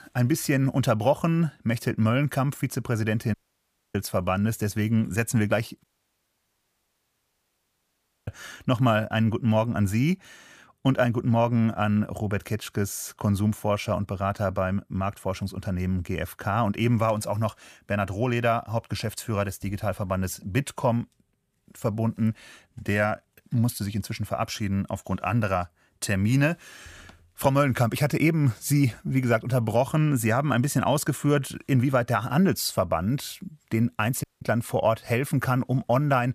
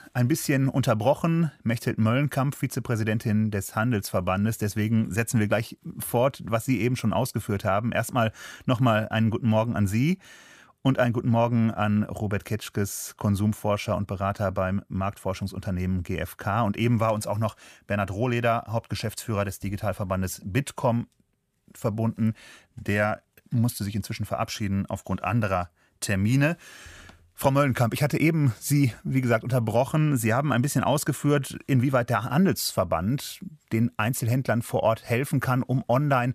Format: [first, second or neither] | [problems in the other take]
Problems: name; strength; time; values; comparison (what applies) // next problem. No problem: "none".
second | audio cutting out; at 3.5 s for 0.5 s, at 6 s for 2.5 s and at 34 s